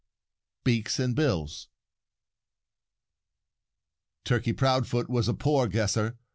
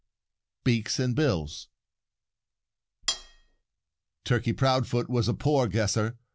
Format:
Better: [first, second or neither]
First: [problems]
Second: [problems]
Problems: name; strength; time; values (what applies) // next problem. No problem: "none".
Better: first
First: none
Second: background sound (Cutlery, silverware); 6 dB below the speech